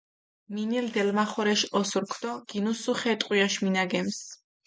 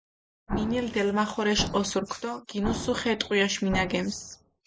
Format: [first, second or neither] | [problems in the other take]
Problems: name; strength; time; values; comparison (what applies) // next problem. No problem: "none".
first | background sound (Explosion); 8 dB below the speech